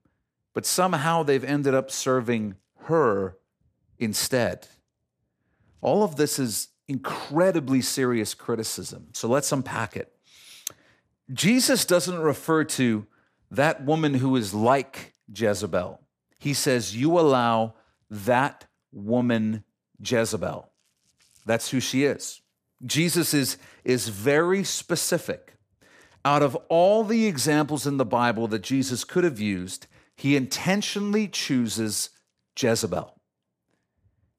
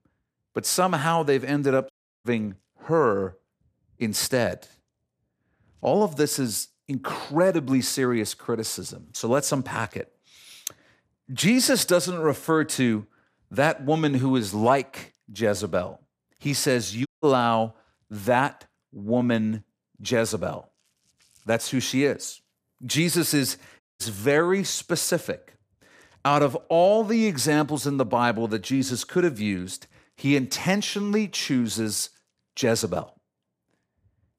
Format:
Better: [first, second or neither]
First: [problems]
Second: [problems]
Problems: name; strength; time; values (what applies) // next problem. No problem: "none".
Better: first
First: none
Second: audio cutting out; at 2 s, at 17 s and at 24 s